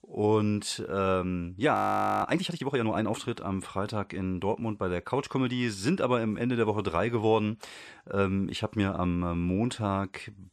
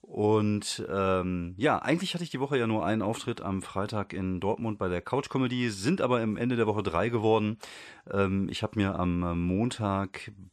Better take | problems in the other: second | audio freezing; at 1.5 s

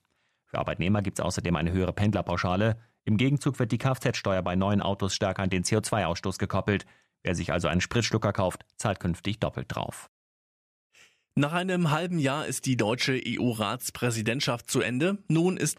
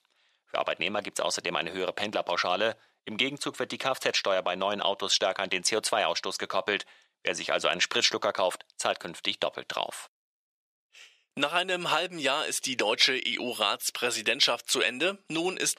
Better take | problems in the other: first | thin; very; fading below 500 Hz

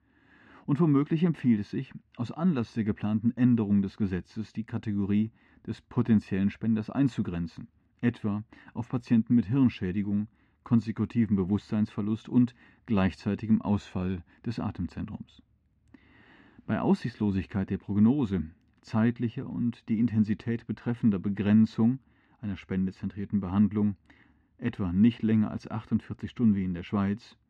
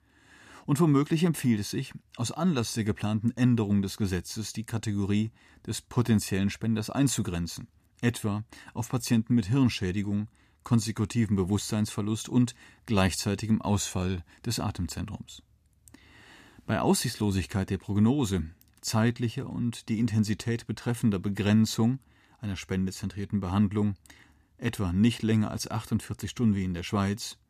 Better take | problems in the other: second | muffled; slightly; fading above 2 kHz

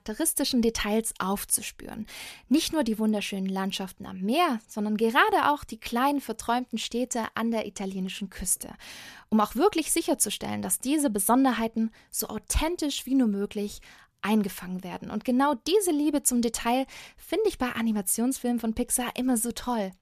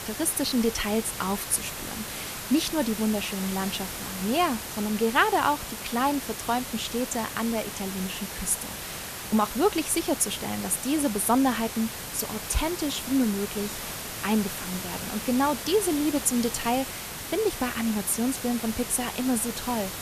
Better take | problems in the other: first | hiss; loud; throughout; 7 dB below the speech

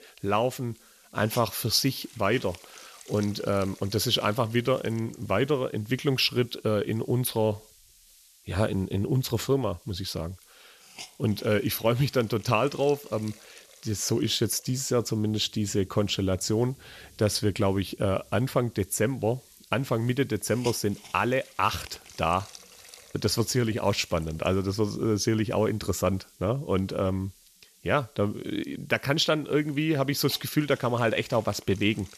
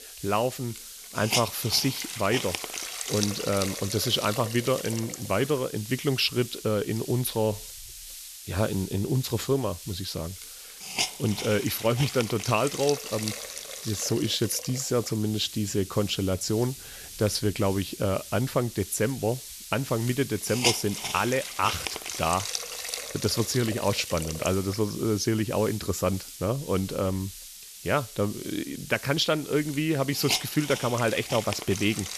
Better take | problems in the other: first | hiss; loud; throughout; 7 dB below the speech; faint in the first

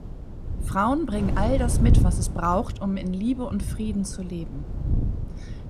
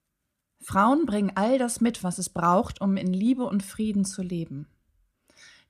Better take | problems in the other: second | wind noise on the microphone; occasional gusts; 10 dB below the speech

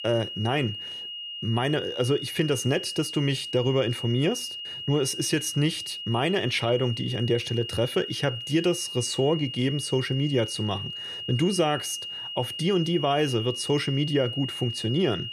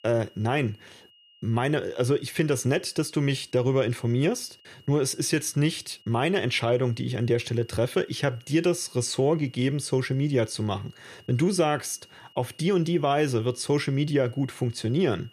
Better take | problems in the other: second | high-pitched whine; loud; throughout; 3 kHz, 7 dB below the speech; faint in the second

